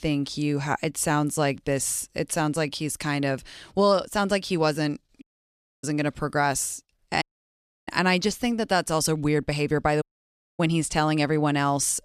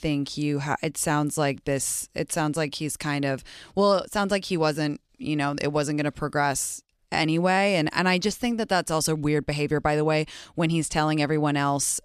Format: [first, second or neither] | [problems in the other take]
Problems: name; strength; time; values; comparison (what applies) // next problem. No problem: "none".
second | audio cutting out; at 5 s for 0.5 s, at 7 s for 0.5 s and at 10 s for 0.5 s